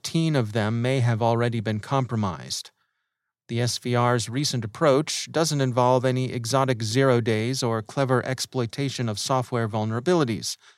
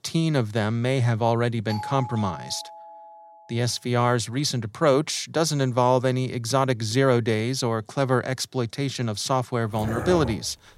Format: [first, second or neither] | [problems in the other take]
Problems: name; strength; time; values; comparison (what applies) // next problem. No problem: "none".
first | doorbell; faint; from 1.5 to 3.5 s; peak 10 dB below the speech // dog barking; noticeable; at 9.5 s; peak 6 dB below the speech